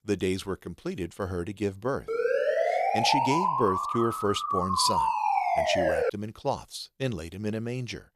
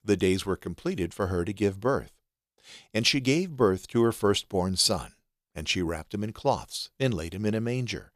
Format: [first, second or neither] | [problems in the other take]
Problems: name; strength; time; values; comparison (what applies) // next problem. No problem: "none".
second | siren; loud; from 2 to 6 s; peak 6 dB above the speech